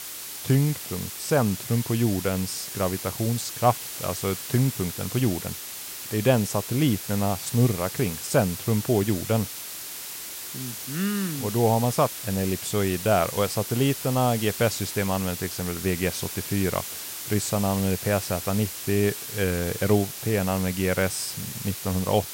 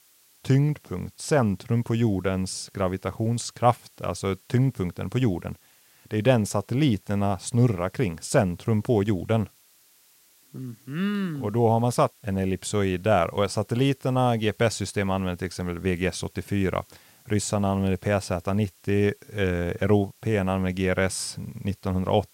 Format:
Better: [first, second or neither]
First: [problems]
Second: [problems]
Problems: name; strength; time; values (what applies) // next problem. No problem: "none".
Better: second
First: hiss; loud; throughout; 7 dB below the speech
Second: hiss; faint; throughout; 30 dB below the speech